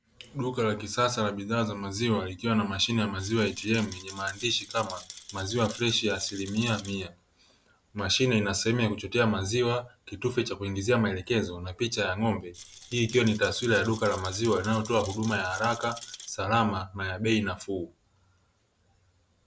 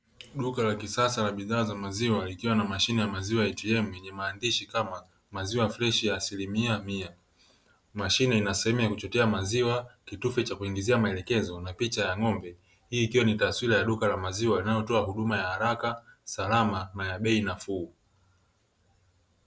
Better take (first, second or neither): second